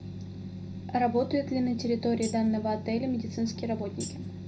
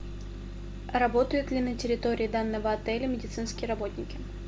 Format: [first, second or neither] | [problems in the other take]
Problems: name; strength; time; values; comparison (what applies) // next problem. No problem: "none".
second | background sound (Tambourine); 14 dB below the speech // room echo; dies away in 0.4 s